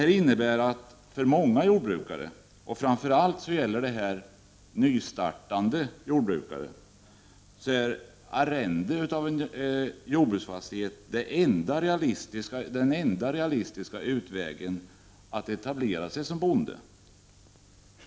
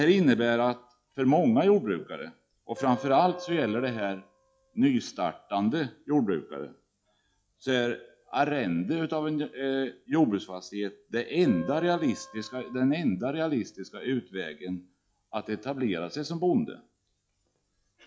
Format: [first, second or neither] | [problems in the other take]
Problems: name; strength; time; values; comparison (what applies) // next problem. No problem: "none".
first | noise reduction (classical method log-MMSE)